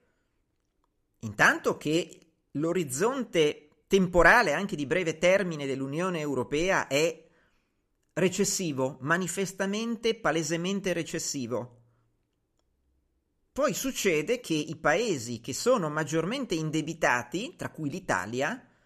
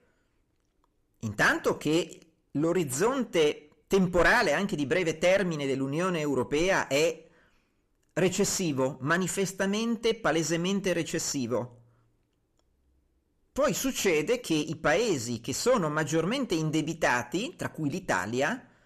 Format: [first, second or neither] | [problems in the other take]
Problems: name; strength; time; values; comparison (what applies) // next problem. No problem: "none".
first | distortion; slight; 9 dB below the speech